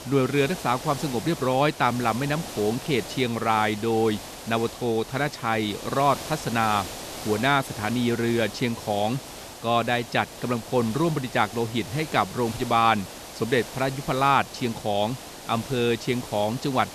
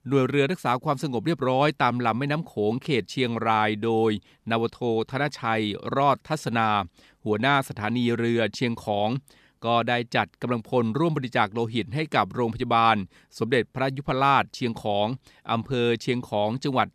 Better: second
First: hiss; noticeable; throughout; 10 dB below the speech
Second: none

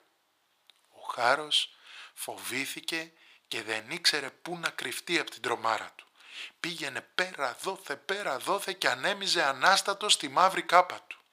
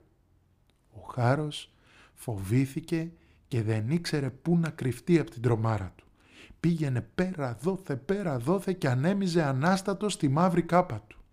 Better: second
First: thin; very; fading below 900 Hz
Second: none

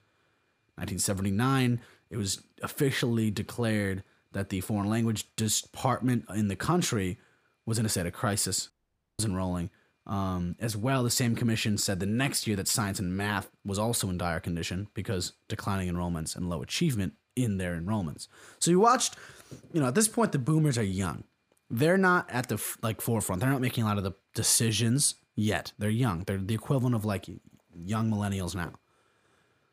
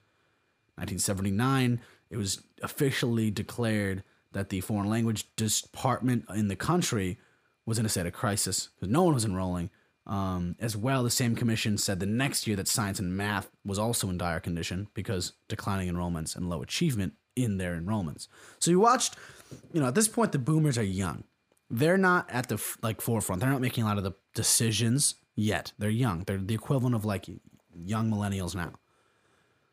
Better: second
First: audio cutting out; at 8.5 s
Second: none

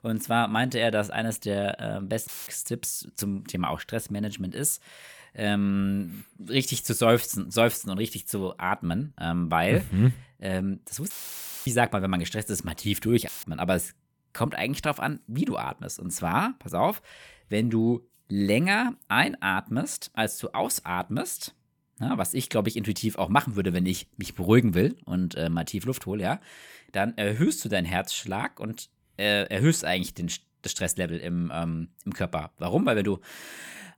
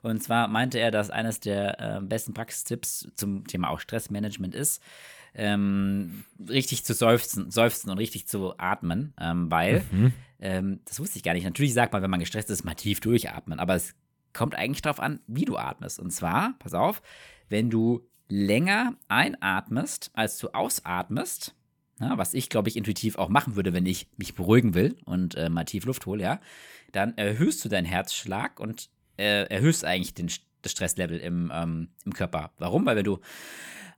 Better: second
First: audio cutting out; filled with static; at 2.5 s, at 11 s for 0.5 s and at 13 s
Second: none

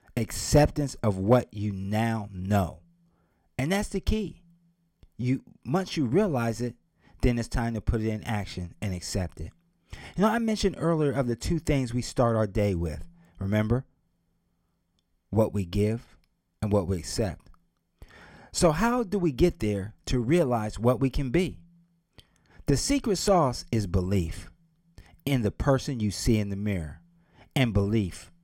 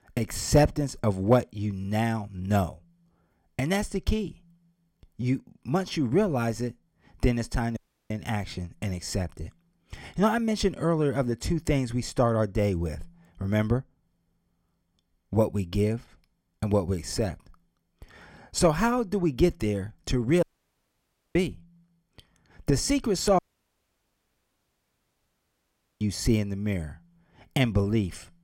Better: first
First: none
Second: audio cutting out; at 8 s, at 20 s for 1 s and at 23 s for 2.5 s

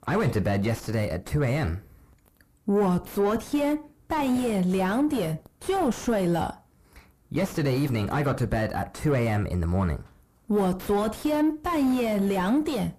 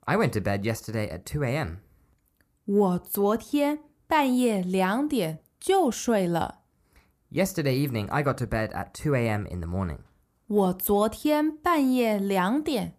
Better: second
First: distortion; heavy; 5 dB below the speech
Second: none

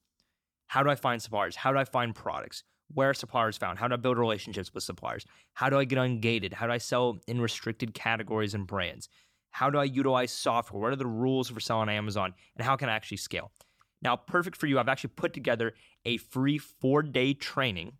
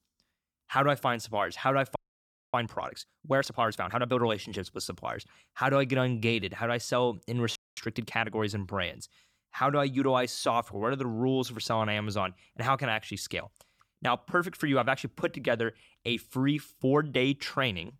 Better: first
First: none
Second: audio freezing; at 2 s for 0.5 s and at 7.5 s

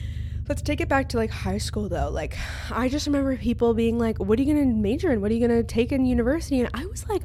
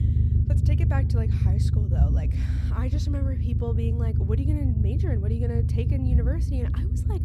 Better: first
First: low rumble; faint; throughout; 25 dB below the speech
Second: low rumble; loud; throughout; as loud as the speech

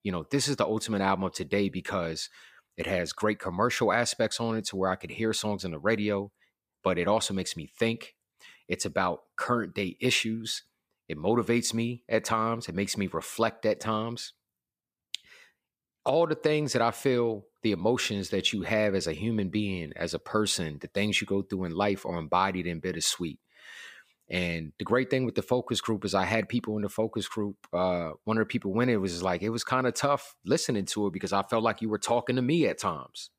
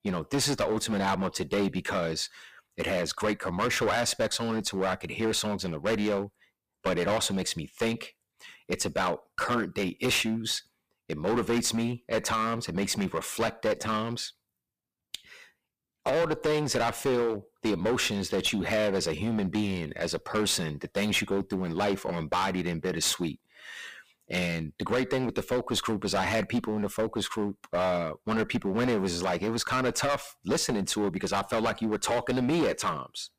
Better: first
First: none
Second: distortion; heavy; 11% of the sound clipped

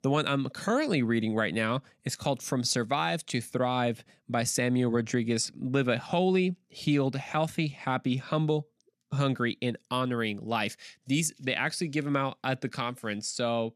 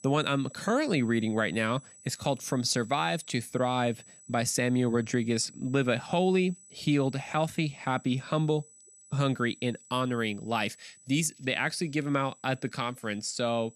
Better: first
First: none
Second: high-pitched whine; faint; throughout; 8 kHz, 25 dB below the speech

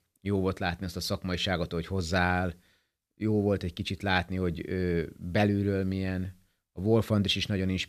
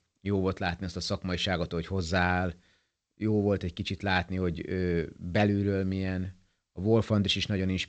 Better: first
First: none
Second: garbled, watery; slightly; nothing above 8 kHz

